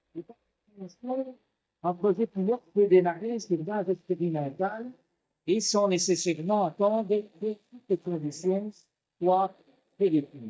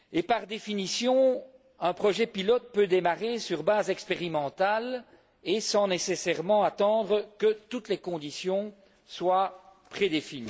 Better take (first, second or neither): second